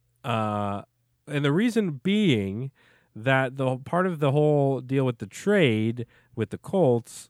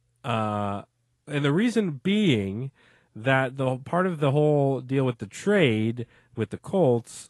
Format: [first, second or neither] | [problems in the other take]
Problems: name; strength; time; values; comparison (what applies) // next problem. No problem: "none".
first | garbled, watery; slightly